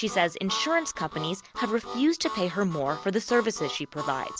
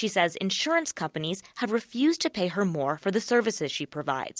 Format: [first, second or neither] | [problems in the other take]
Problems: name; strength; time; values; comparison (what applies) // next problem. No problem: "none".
second | background sound (Harmonica); 10 dB below the speech